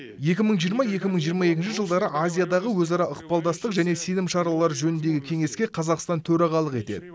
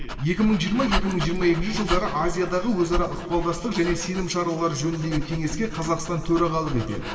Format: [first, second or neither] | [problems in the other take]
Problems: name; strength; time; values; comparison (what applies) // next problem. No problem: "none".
first | background sound (Dog); 6 dB below the speech // room echo; dies away in 2.5 s